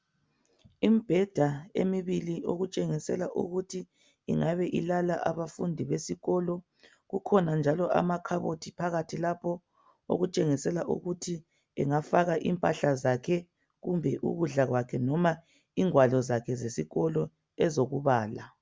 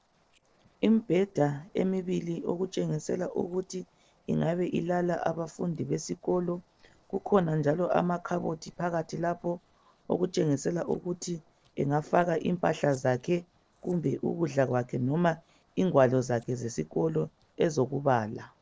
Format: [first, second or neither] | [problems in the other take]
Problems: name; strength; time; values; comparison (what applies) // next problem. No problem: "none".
first | noise reduction (neural separator model SepFormer DNS4)